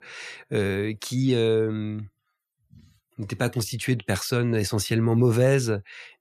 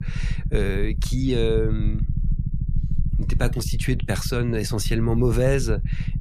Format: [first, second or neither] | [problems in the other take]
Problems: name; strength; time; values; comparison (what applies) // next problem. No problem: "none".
first | low rumble; noticeable; throughout; 15 dB below the speech